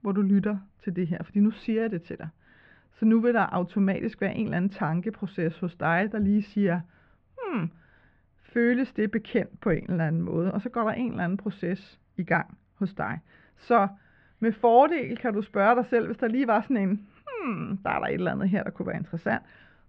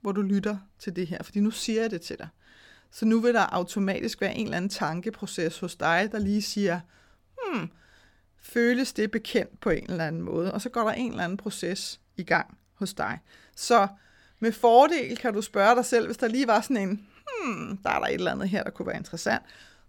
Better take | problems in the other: second | muffled; very; fading above 2.5 kHz

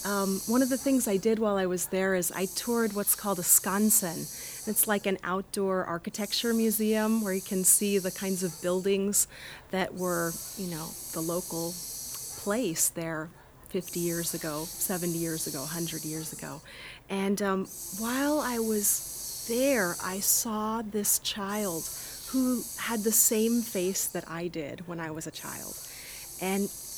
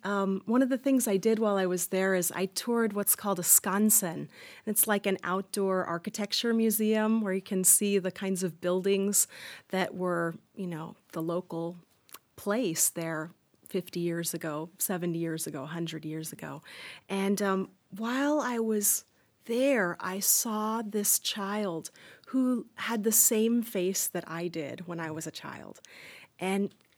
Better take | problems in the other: second | hiss; loud; throughout; 9 dB below the speech

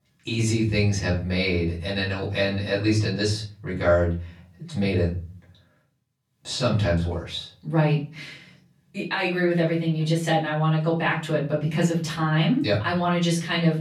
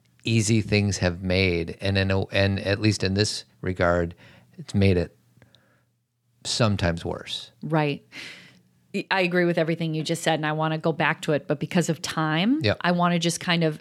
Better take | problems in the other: second | off-mic speech; far // room echo; slight; dies away in 0.5 s

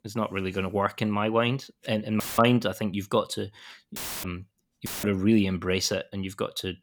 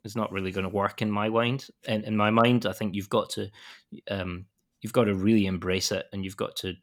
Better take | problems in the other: second | audio cutting out; filled with static; at 2 s, at 4 s and at 5 s

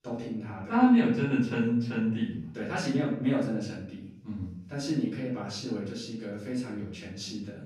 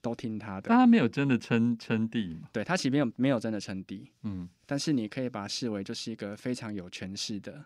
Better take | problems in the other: second | room echo; noticeable; dies away in 0.7 s // off-mic speech; far

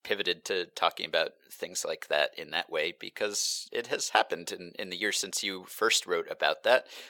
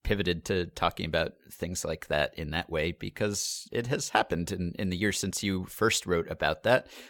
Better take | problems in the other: second | thin; very; fading below 500 Hz

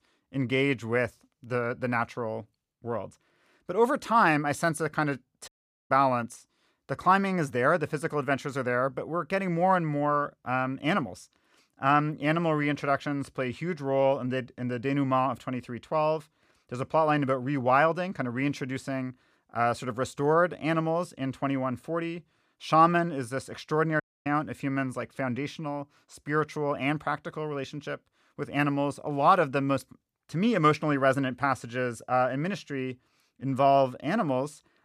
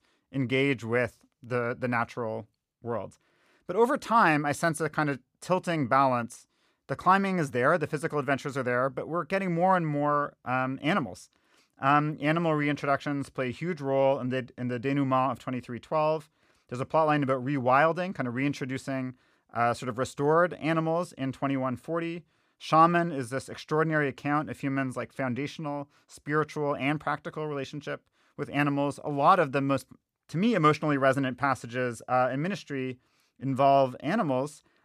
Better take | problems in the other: second | audio cutting out; at 5.5 s and at 24 s

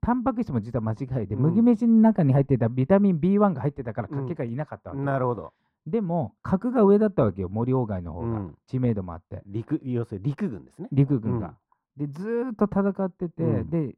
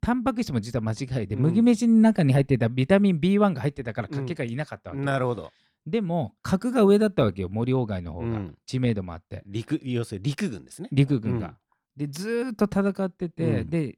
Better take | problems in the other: second | muffled; very; fading above 2 kHz

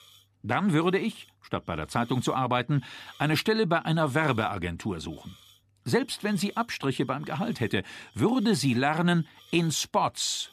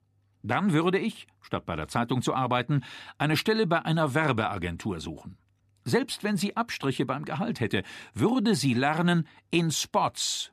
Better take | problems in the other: second | hiss; faint; throughout; 25 dB below the speech

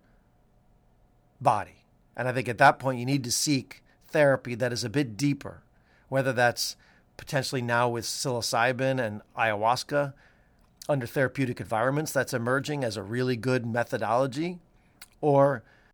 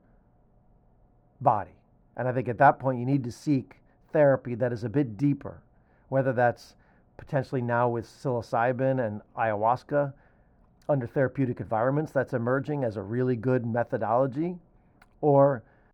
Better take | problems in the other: first | muffled; very; fading above 2.5 kHz

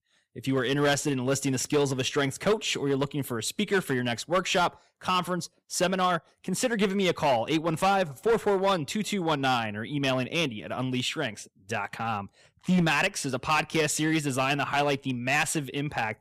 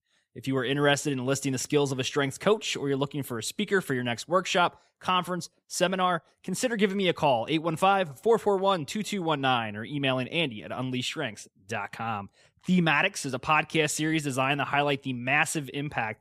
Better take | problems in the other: second | distortion; slight; 5% of the sound clipped

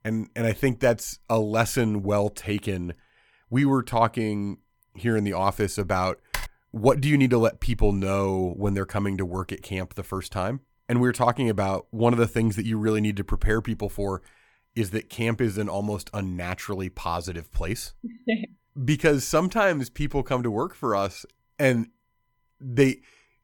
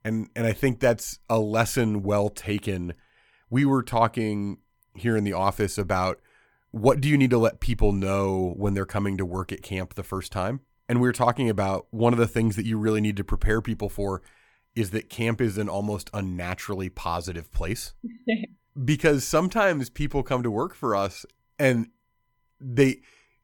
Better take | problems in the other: second | keyboard typing; noticeable; at 6.5 s; peak 8 dB below the speech

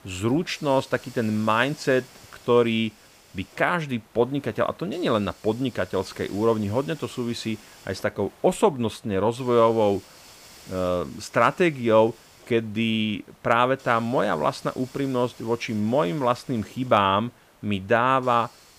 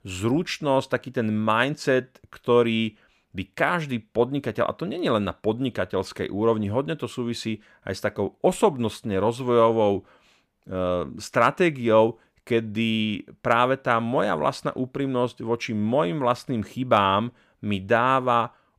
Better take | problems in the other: second | hiss; faint; throughout; 25 dB below the speech

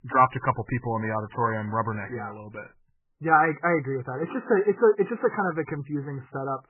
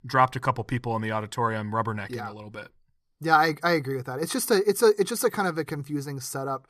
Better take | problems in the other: second | garbled, watery; badly

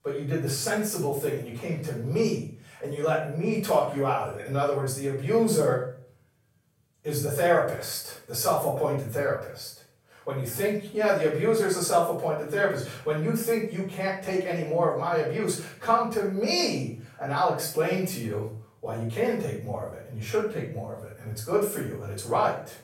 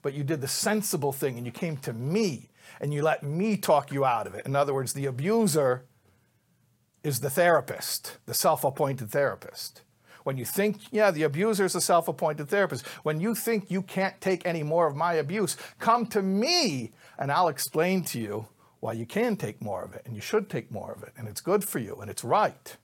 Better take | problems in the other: second | off-mic speech; far // room echo; noticeable; dies away in 0.4 s

